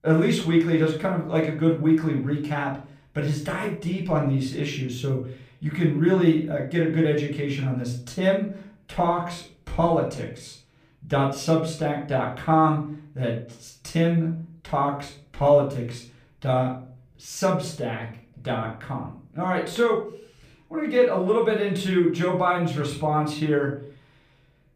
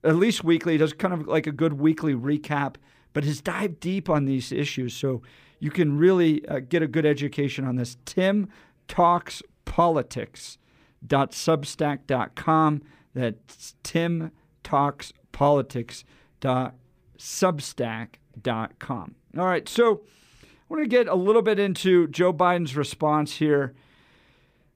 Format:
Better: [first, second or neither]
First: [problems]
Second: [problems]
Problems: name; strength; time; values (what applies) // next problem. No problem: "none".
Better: second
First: off-mic speech; far // room echo; slight; dies away in 0.4 s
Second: none